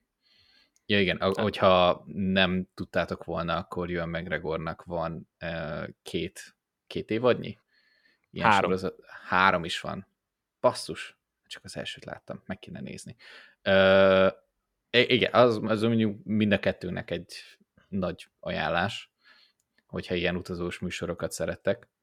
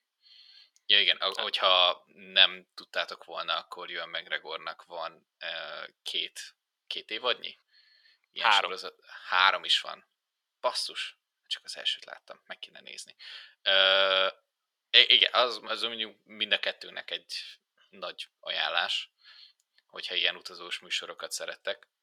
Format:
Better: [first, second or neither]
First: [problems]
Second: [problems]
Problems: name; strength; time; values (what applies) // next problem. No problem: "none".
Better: first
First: none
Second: thin; very; fading below 850 Hz